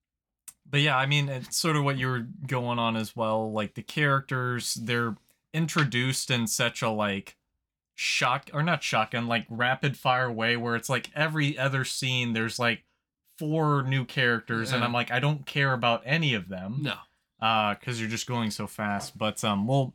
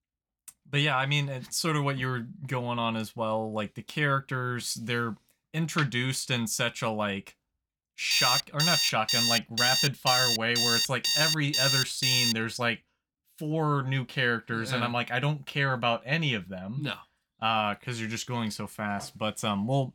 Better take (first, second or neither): first